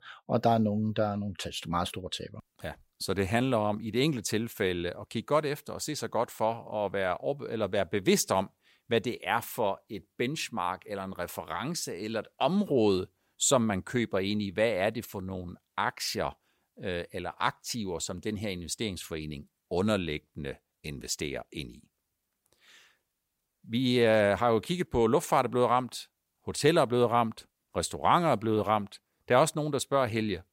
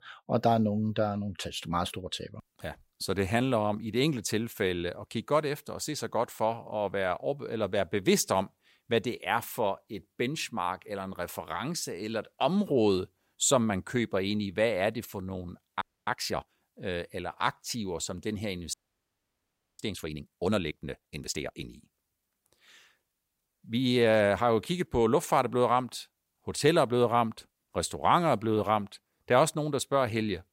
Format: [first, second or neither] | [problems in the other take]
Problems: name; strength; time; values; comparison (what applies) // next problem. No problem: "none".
first | audio freezing; at 16 s and at 19 s for 1 s